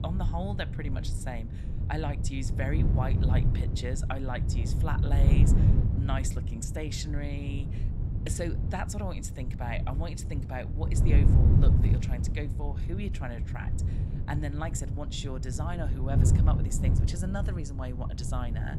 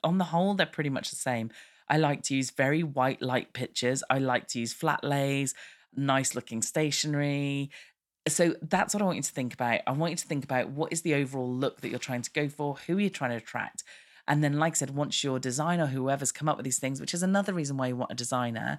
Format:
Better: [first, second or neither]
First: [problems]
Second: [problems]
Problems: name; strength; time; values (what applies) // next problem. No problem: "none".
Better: second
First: wind noise on the microphone; heavy; 3 dB below the speech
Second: none